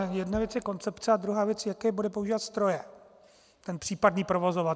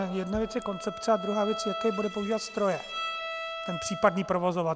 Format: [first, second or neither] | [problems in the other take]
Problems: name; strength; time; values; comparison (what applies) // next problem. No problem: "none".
first | background sound (Bowed string instrument); 8 dB below the speech